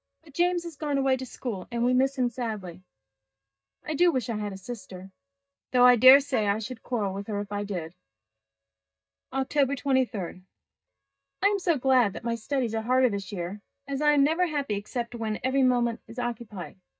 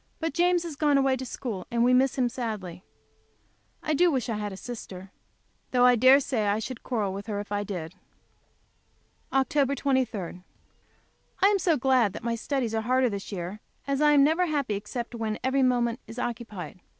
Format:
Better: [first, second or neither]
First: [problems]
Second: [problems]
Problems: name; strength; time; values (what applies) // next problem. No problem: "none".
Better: second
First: noise reduction (neural mask model DeepFilterNet 3)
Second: none